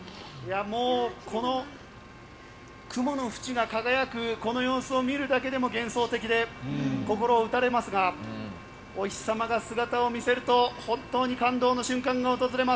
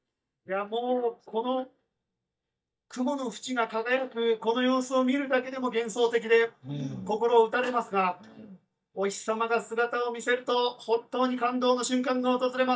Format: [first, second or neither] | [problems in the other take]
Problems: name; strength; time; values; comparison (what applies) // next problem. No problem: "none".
first | noise reduction (neural mask model DeepFilterNet 3)